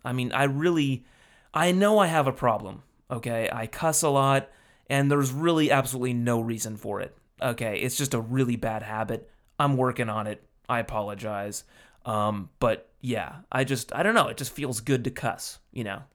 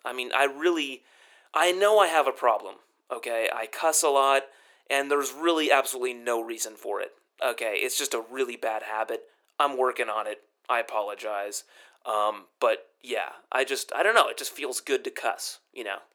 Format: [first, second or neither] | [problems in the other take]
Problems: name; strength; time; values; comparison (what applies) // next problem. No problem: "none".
first | thin; very; fading below 350 Hz